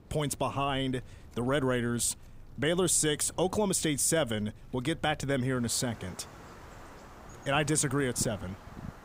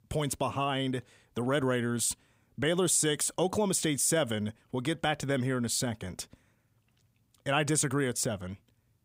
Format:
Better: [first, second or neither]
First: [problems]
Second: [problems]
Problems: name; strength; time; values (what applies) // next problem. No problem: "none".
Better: second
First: wind in the background; noticeable; throughout; 20 dB below the speech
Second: none